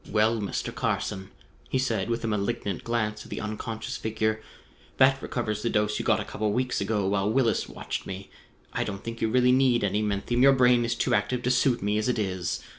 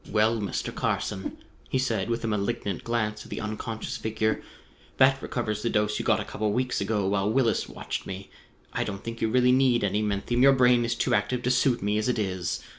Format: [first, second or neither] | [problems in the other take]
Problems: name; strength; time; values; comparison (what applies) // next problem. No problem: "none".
first | background sound (Whoosh, swoosh, swish); 14 dB below the speech